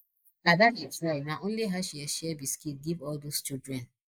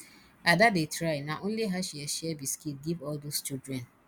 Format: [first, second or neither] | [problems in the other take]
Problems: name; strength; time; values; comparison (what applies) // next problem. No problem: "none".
second | noise reduction (neural mask model Resemble Enhance denoiser)